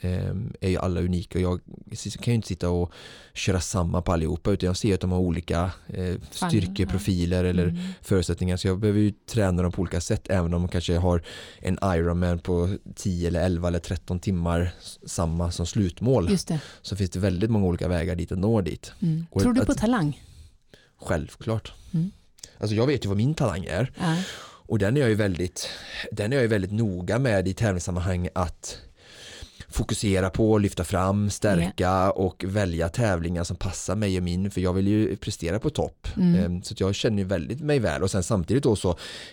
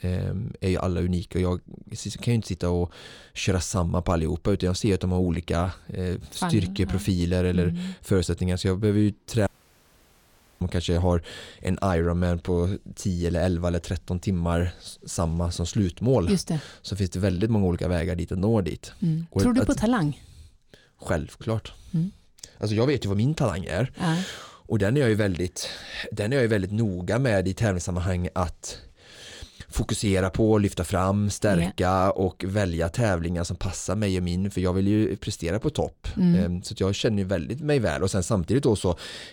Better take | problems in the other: first | audio cutting out; at 9.5 s for 1 s

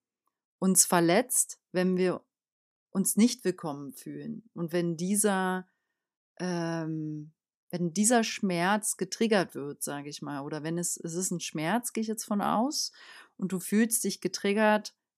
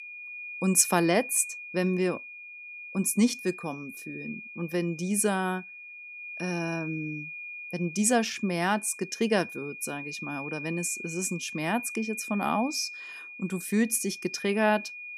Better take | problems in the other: first | high-pitched whine; noticeable; throughout; 2.5 kHz, 10 dB below the speech

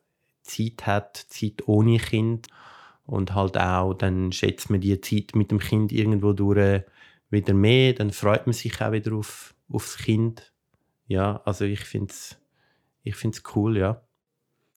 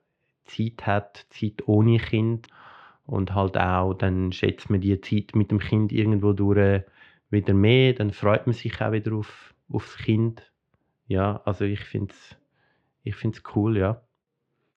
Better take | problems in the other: first | muffled; slightly; fading above 3.5 kHz

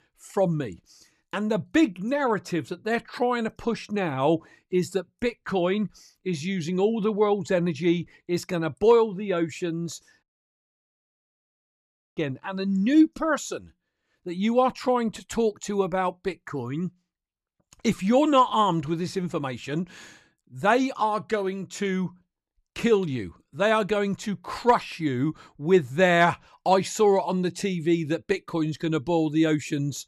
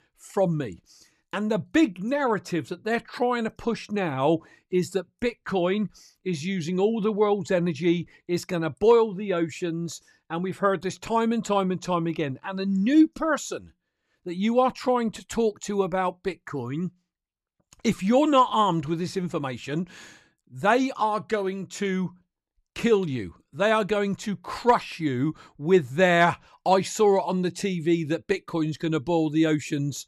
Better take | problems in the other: second | audio cutting out; at 10 s for 2 s

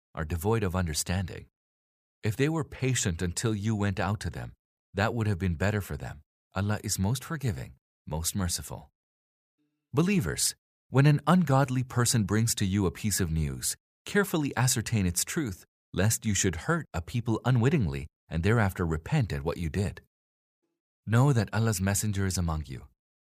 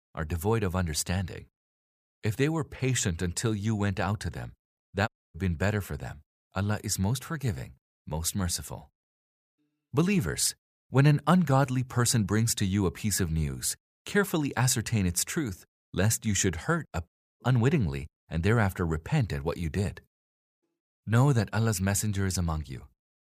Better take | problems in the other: first | audio cutting out; at 5 s and at 17 s

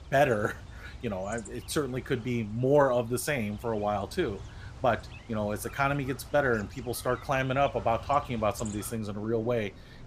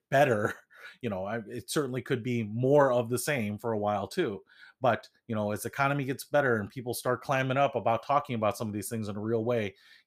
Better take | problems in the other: second | animal sounds; noticeable; throughout; 15 dB below the speech

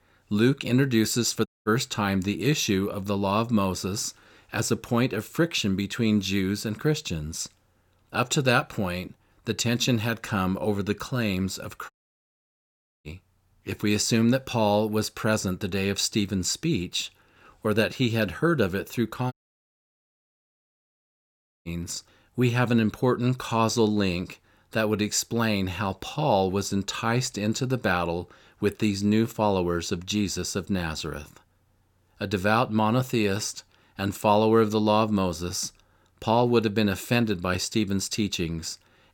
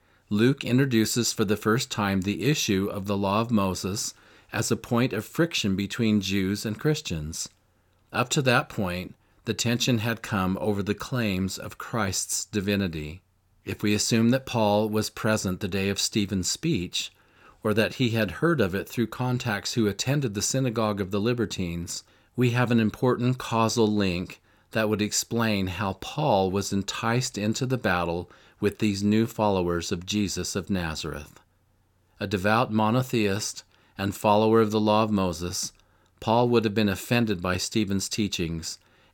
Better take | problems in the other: second | audio cutting out; at 1.5 s, at 12 s for 1 s and at 19 s for 2.5 s

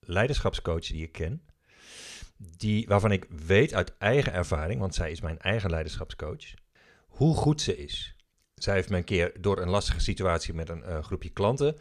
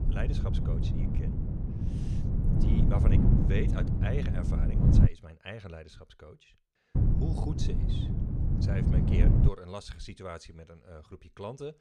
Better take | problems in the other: first | wind noise on the microphone; heavy; until 5 s and from 7 to 9.5 s; 3 dB above the speech

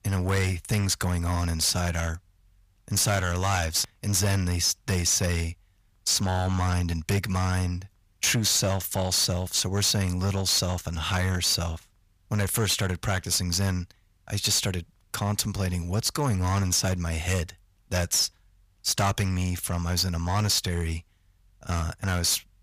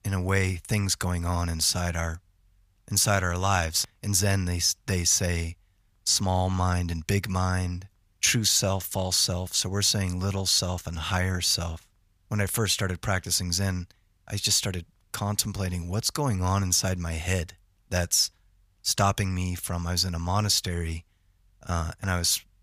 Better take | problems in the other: second | distortion; slight; 8% of the sound clipped

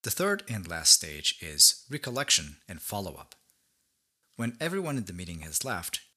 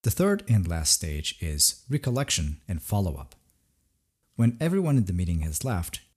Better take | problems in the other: second | thin; somewhat; fading below 600 Hz

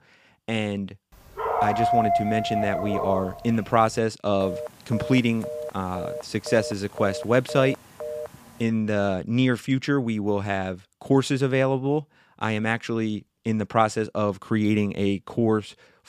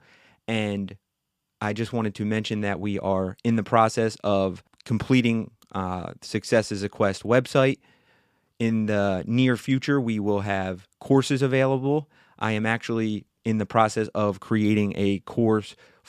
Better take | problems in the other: second | dog barking; loud; from 1.5 to 3.5 s; peak 4 dB above the speech // phone ringing; noticeable; from 4.5 to 8.5 s; peak 9 dB below the speech

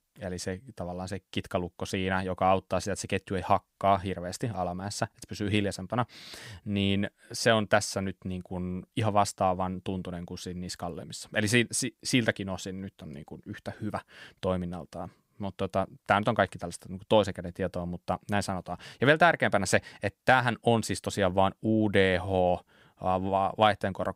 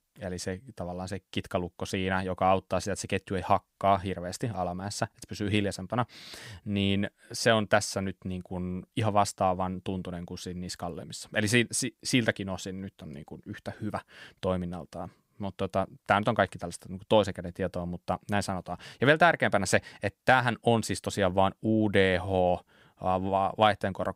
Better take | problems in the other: neither | none

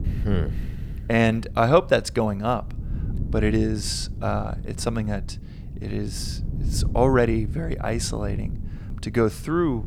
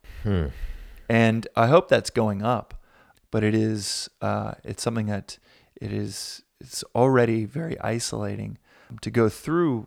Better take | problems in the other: second | wind noise on the microphone; occasional gusts; 20 dB below the speech

